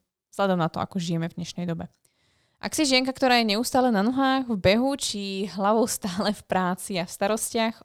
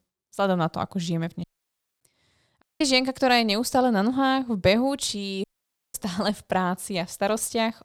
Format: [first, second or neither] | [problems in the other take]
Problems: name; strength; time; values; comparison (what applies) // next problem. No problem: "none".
first | audio cutting out; at 1.5 s for 0.5 s, at 2.5 s and at 5.5 s for 0.5 s